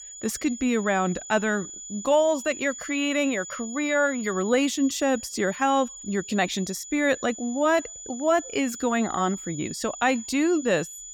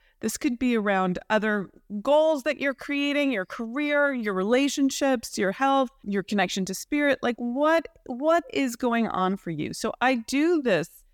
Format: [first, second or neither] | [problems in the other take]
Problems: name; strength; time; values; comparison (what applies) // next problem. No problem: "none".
second | high-pitched whine; noticeable; throughout; 7 kHz, 10 dB below the speech